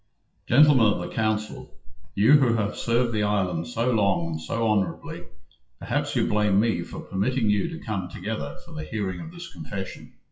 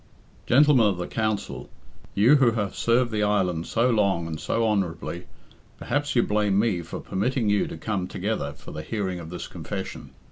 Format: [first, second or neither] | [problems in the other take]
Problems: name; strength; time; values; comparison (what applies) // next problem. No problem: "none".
second | noise reduction (classical method WPE with log-MMSE)